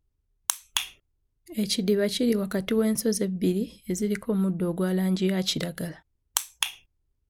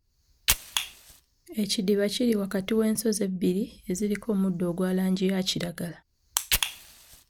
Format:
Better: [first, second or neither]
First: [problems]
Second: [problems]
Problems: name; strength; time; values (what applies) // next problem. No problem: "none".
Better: first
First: none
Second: background sound (Fire); 10 dB below the speech